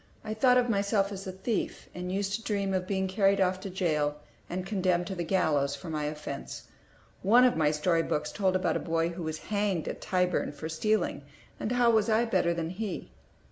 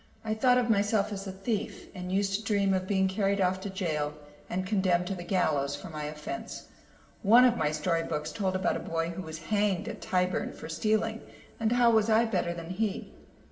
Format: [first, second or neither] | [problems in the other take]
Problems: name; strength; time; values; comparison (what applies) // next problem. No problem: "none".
first | room echo; dies away in 2.3 s